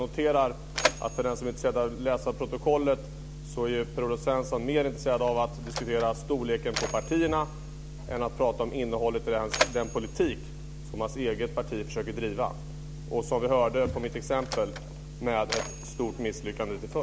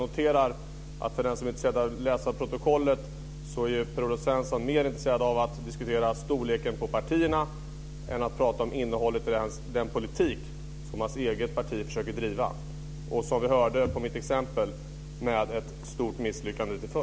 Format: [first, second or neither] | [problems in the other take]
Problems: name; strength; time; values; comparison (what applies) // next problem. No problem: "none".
second | background sound (Mechanisms); 11 dB below the speech